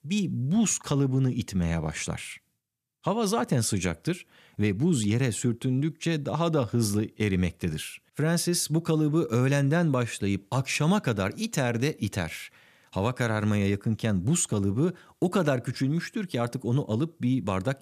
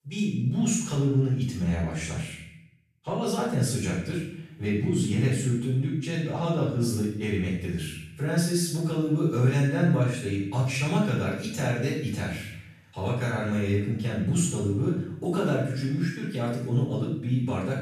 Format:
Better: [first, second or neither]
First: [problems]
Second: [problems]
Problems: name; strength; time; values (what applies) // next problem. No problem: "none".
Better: first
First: none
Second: off-mic speech; far // room echo; noticeable; dies away in 0.7 s